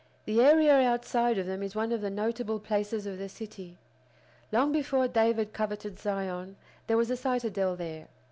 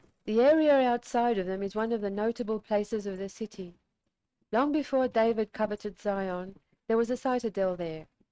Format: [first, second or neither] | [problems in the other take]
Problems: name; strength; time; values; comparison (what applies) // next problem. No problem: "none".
first | noise reduction (neural mask model RNNoise)